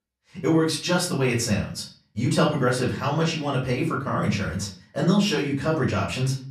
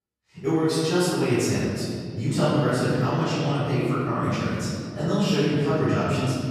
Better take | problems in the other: first | room echo; strong; dies away in 2.6 s; slight in the first // off-mic speech; far; far in the first

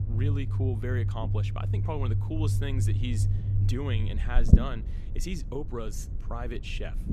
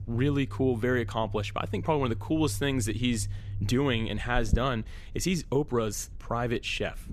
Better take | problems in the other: second | low rumble; loud; throughout; 3 dB below the speech; faint in the second

